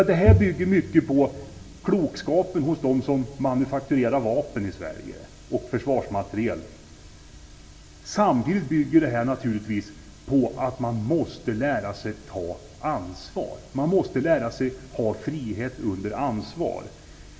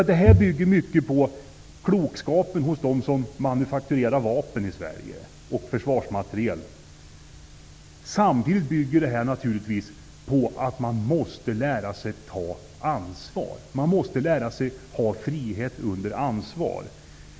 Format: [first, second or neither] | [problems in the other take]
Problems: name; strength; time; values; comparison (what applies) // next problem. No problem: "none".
second | room echo; dies away in 1.1 s